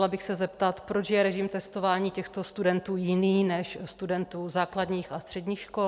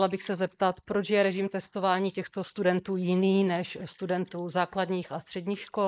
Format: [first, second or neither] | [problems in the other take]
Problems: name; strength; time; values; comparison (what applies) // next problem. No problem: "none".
first | noise reduction (neural mask model Resemble Enhance denoiser)